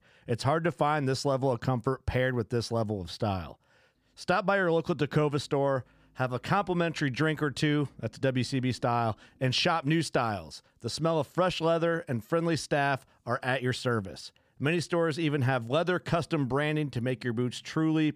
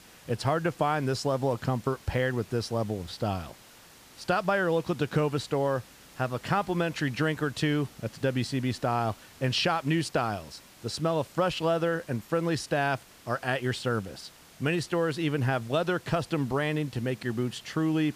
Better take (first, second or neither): first